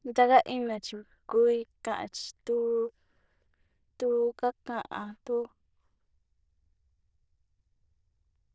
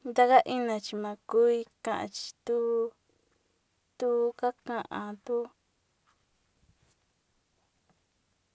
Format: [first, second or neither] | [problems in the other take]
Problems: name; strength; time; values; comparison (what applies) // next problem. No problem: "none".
second | noise reduction (neural diffusion model UNIVERSE++)